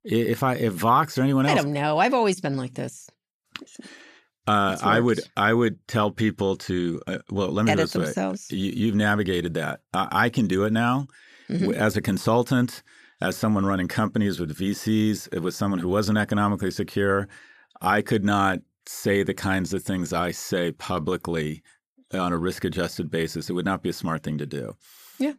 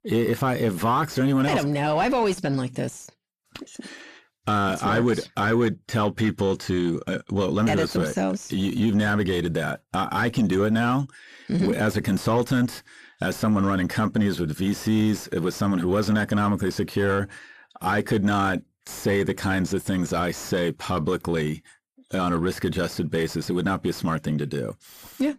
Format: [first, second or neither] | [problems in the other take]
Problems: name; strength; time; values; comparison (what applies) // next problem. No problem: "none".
first | distortion; slight; 10 dB below the speech